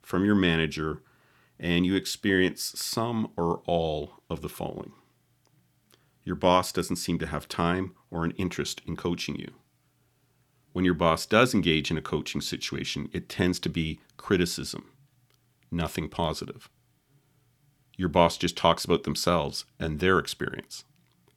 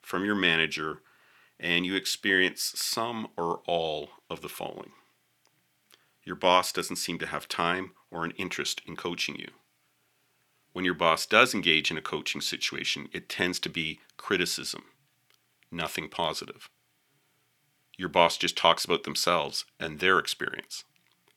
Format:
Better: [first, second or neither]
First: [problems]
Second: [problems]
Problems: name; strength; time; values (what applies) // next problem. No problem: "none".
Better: first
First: none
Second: thin; somewhat; fading below 550 Hz